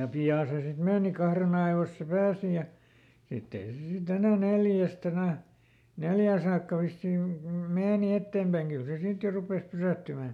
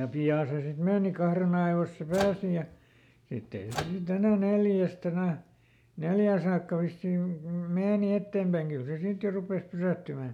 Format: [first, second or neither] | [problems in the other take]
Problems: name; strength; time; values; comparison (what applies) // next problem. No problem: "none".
first | background sound (Microwave oven); 12 dB below the speech